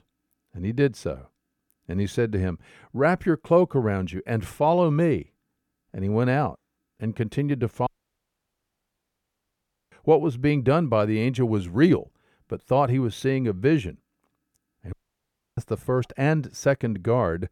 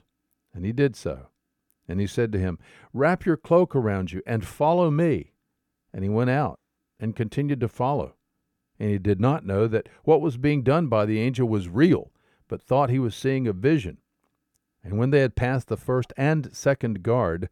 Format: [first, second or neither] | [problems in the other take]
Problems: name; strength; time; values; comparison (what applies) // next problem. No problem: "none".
second | audio cutting out; at 8 s for 2 s and at 15 s for 0.5 s